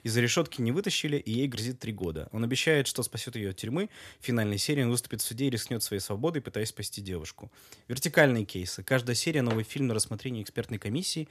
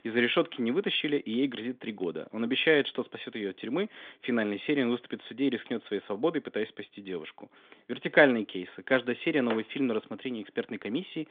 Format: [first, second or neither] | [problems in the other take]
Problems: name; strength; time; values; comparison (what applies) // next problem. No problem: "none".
first | phone-call audio; nothing above 3.5 kHz